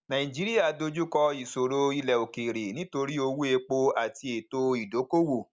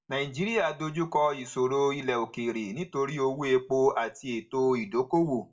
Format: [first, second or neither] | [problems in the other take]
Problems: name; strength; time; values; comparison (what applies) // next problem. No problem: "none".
first | room echo; dies away in 0.2 s